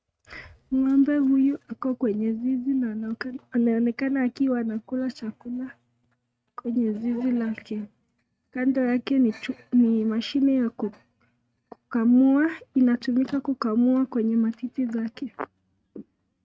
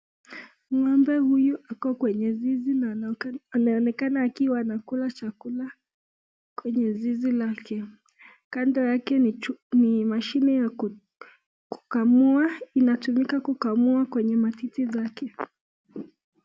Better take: second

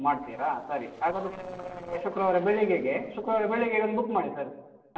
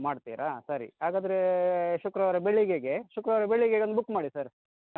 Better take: second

